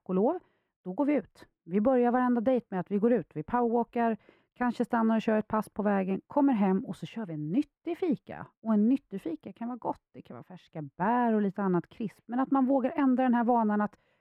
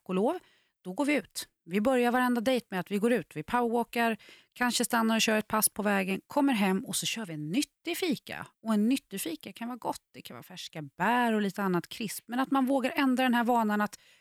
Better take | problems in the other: second | muffled; very; fading above 2.5 kHz

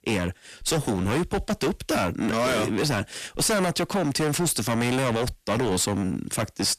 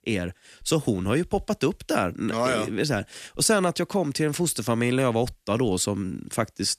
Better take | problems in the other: second | distortion; heavy; 22% of the sound clipped

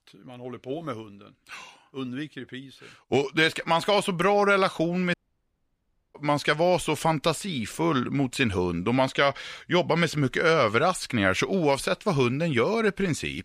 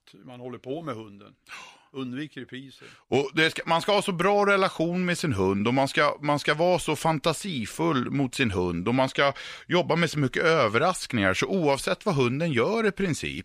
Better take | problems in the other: second | audio cutting out; at 5 s for 1 s

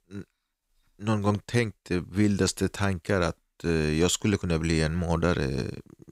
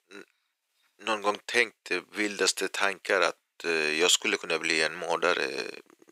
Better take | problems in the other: first | thin; very; fading below 450 Hz

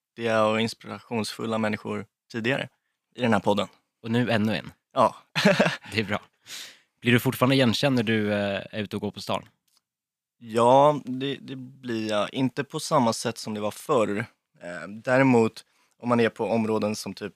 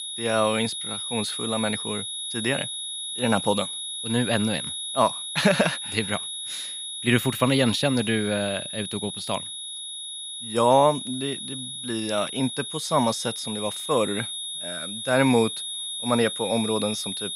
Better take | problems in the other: first | high-pitched whine; loud; throughout; 3.5 kHz, 5 dB below the speech

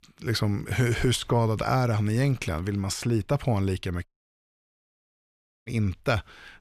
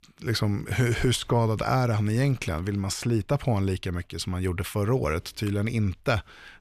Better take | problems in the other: second | audio cutting out; at 4 s for 1.5 s

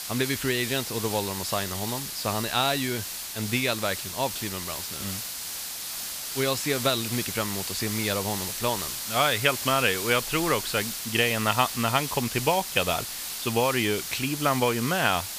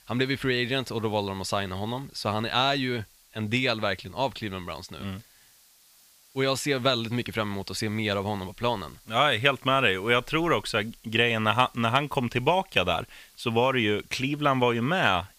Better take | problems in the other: second | hiss; loud; throughout; 5 dB below the speech; faint in the second

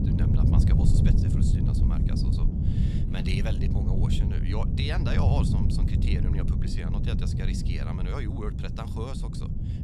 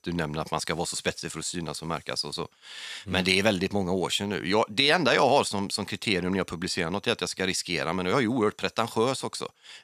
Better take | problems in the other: second | wind noise on the microphone; heavy; 1 dB above the speech

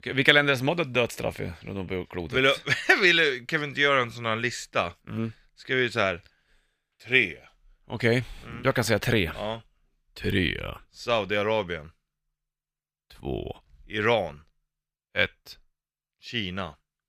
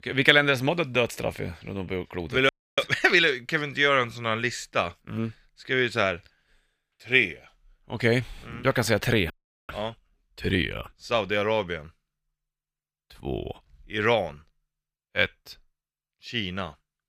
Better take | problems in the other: first | audio freezing; at 2.5 s and at 9.5 s

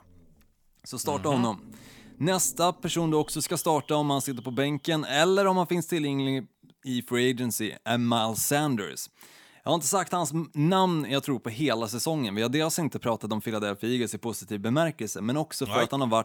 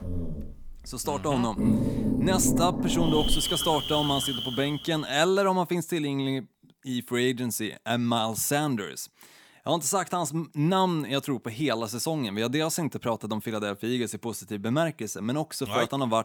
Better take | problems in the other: first | animal sounds; loud; until 4.5 s; as loud as the speech; faint in the first

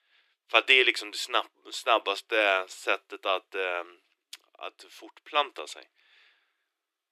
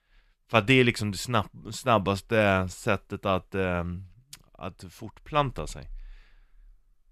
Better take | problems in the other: second | thin; very; fading below 300 Hz

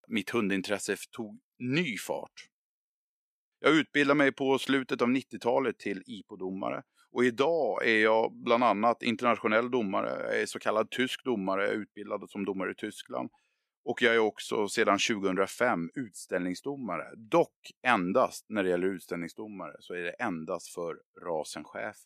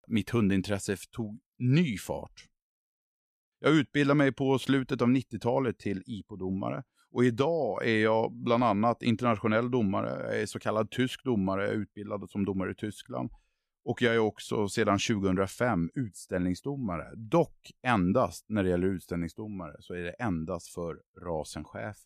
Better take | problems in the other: second | thin; very slightly; fading below 300 Hz

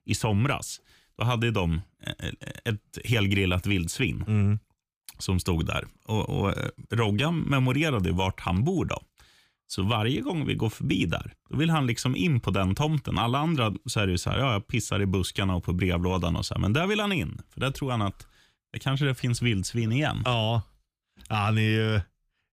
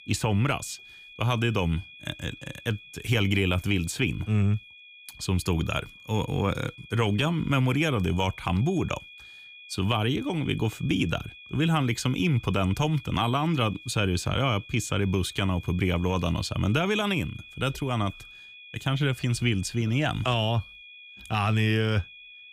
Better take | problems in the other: first | high-pitched whine; noticeable; throughout; 2.5 kHz, 20 dB below the speech

